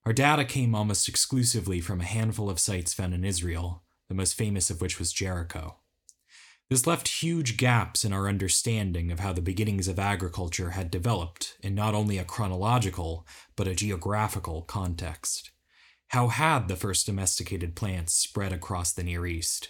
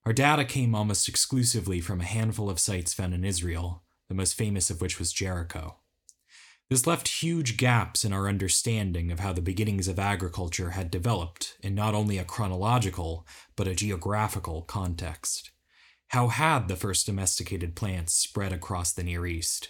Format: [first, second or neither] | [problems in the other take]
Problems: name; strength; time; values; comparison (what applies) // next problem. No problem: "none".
neither | none